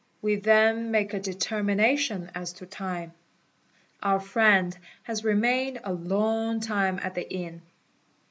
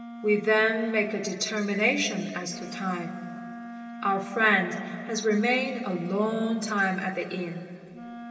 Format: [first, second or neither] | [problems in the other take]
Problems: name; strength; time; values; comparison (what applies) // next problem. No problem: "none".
first | background sound (Wind instrument, woodwind instrument); 14 dB below the speech // room echo; dies away in 2.5 s